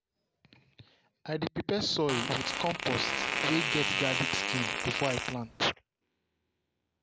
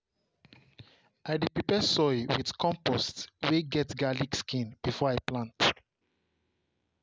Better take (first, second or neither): second